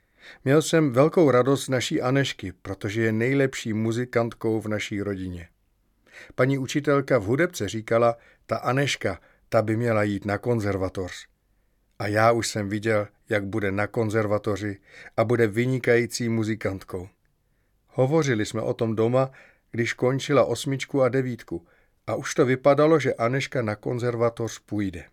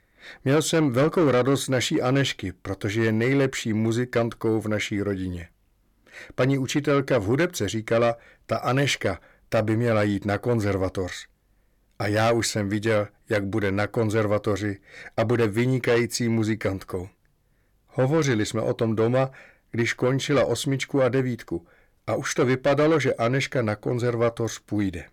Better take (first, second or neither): first